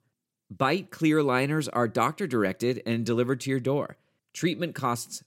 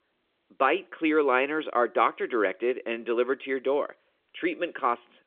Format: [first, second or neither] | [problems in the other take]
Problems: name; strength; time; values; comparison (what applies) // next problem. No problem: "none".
first | phone-call audio